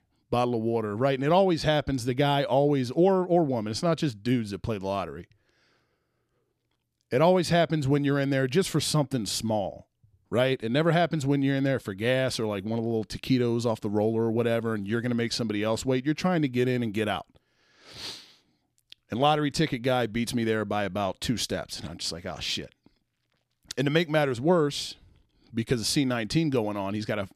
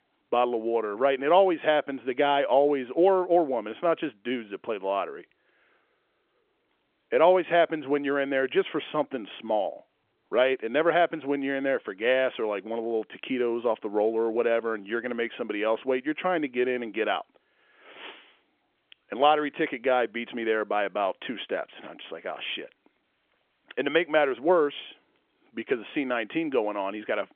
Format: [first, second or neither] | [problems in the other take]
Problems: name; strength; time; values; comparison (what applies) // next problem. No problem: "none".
first | phone-call audio; nothing above 3.5 kHz